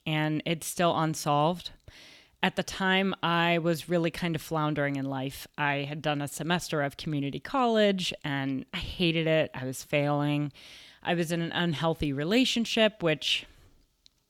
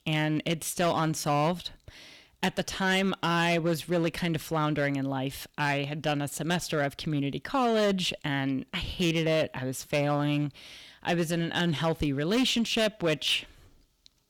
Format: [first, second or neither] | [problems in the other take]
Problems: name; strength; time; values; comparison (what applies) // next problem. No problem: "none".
first | distortion; slight; 7% of the sound clipped